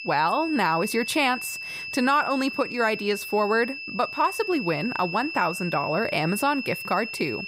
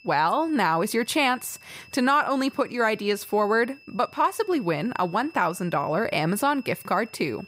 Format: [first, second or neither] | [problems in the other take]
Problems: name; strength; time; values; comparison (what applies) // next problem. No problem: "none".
second | high-pitched whine; loud; throughout; 2.5 kHz, 7 dB below the speech; faint in the second